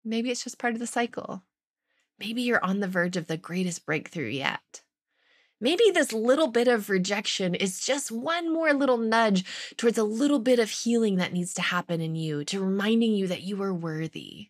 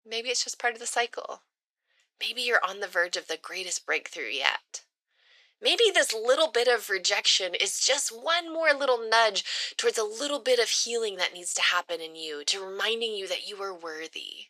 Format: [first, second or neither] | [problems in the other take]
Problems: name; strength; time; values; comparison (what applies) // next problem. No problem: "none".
first | thin; very; fading below 450 Hz